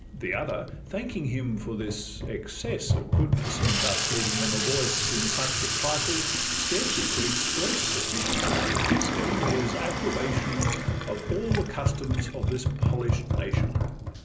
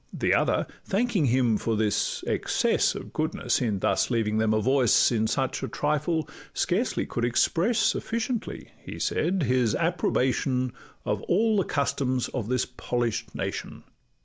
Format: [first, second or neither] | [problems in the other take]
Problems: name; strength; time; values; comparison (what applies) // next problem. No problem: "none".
second | background sound (Sink (filling or washing) / Water tap, faucet); 5 dB above the speech // room echo; dies away in 0.5 s